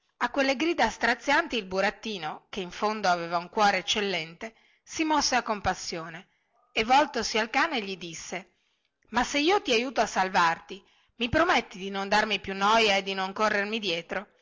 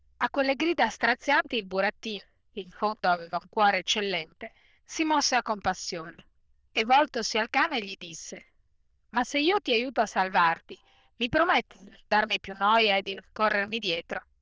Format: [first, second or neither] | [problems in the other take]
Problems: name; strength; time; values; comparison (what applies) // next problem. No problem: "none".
first | noise reduction (neural diffusion model UNIVERSE++)